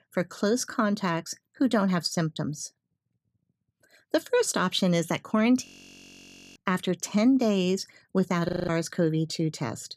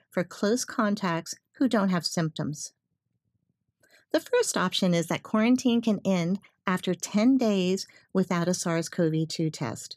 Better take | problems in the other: second | audio freezing; at 5.5 s for 1 s and at 8.5 s

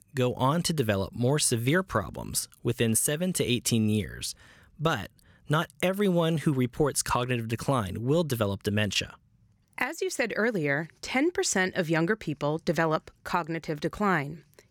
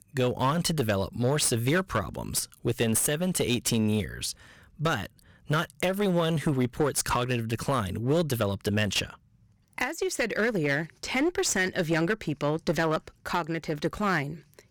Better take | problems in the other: first | distortion; slight; 9% of the sound clipped

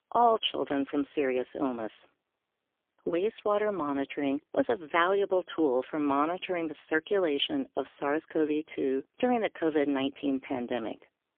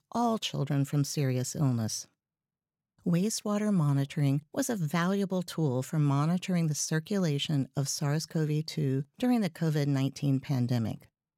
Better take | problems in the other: second | phone-call audio; poor line; nothing above 3.5 kHz

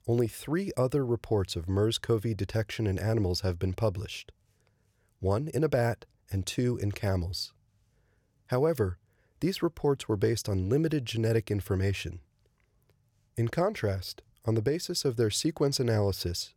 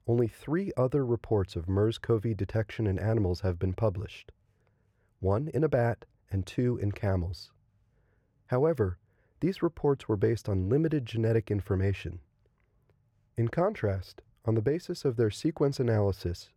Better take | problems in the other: first | muffled; slightly; fading above 3 kHz

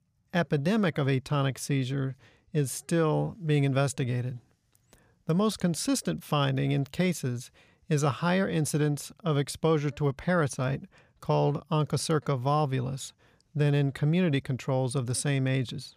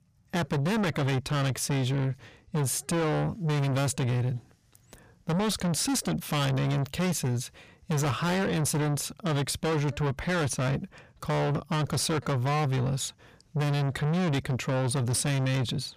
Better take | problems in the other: first | distortion; heavy; 6 dB below the speech

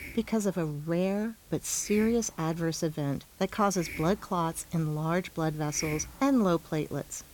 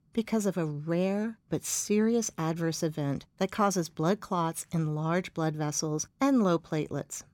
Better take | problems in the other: second | hiss; noticeable; throughout; 15 dB below the speech

